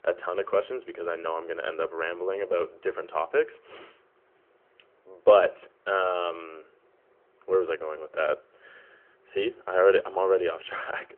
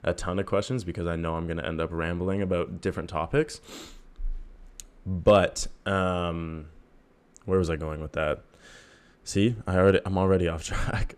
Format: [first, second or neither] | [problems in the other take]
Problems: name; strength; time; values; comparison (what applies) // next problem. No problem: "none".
second | phone-call audio; nothing above 3 kHz